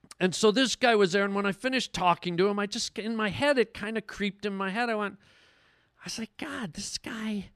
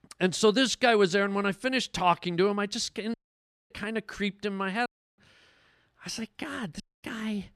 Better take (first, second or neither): first